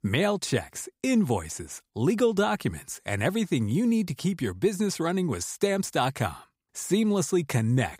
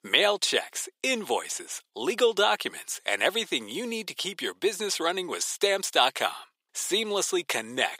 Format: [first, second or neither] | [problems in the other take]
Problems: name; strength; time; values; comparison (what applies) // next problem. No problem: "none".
first | thin; very; fading below 400 Hz